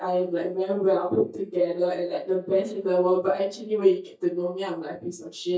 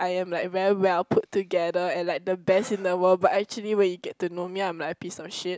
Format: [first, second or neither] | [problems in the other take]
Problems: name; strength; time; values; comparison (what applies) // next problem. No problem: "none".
second | noise reduction (neural mask model DeepFilterNet 3)